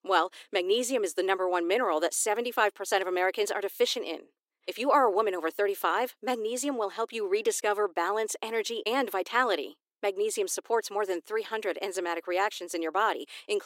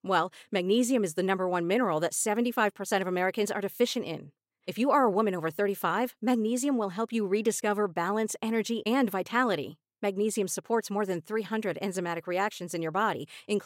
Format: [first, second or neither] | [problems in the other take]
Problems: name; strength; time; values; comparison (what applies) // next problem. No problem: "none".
second | thin; somewhat; fading below 300 Hz